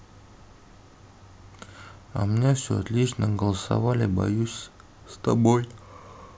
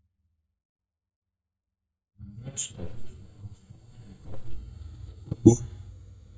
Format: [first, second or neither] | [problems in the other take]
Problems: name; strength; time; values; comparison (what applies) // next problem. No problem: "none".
first | noise reduction (neural mask model DeepFilterNet 3)